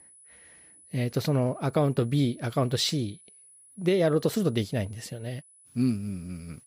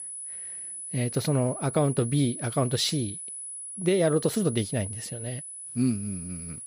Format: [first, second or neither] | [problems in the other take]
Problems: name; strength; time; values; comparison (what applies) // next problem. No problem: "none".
first | high-pitched whine; loud; throughout; 10 kHz, 8 dB below the speech; faint in the first